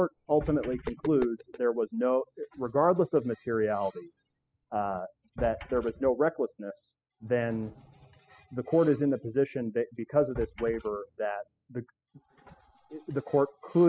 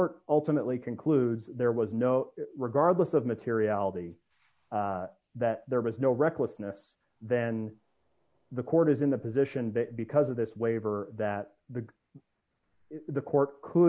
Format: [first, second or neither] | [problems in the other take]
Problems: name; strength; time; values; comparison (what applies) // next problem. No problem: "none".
second | noise reduction (classical method spectral subtraction)